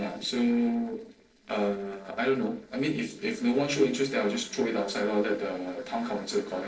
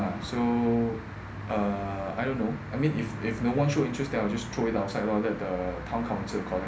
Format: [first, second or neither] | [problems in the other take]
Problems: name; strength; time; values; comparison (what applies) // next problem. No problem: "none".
second | noise reduction (neural separator model SepFormer DNS4)